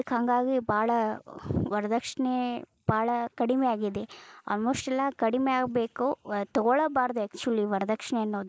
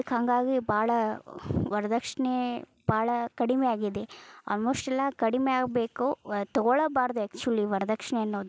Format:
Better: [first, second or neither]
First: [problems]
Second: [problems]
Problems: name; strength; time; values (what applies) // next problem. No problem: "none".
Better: second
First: noise reduction (neural mask model Resemble Enhance denoiser)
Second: none